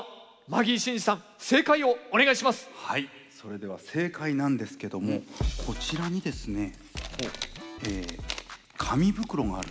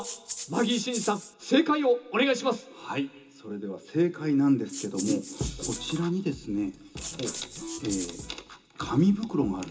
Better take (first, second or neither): first